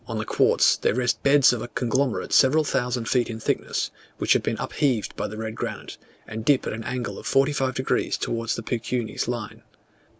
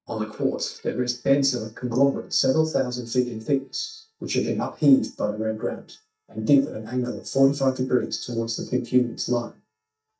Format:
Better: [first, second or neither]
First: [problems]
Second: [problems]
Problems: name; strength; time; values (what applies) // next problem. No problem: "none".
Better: first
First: none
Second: noise reduction (neural mask model DeepFilterNet 3)